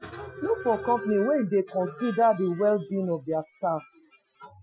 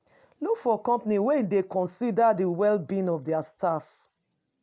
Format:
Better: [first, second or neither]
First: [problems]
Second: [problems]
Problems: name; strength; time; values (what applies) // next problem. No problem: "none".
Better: second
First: noise reduction (classical method Wiener filter)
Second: none